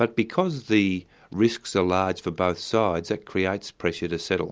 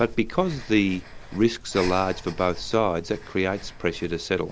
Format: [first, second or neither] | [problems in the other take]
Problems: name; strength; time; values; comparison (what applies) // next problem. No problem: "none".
first | background sound (Breathing); 13 dB below the speech